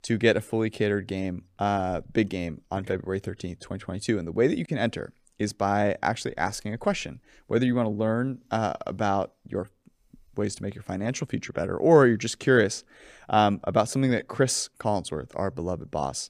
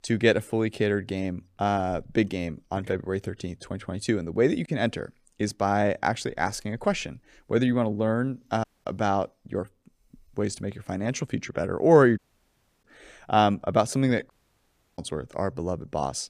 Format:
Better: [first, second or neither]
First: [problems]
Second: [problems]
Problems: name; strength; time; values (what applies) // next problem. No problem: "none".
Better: first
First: none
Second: audio cutting out; at 8.5 s, at 12 s for 0.5 s and at 14 s for 0.5 s